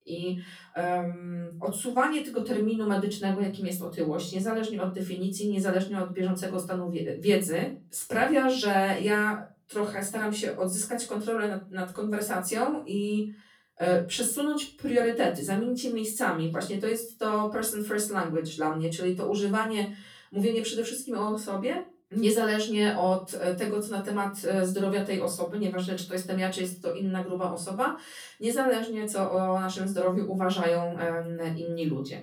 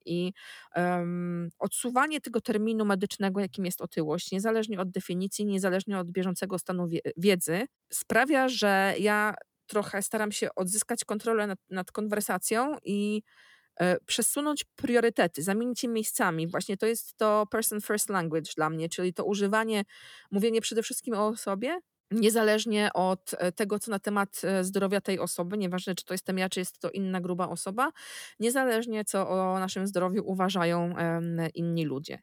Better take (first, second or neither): second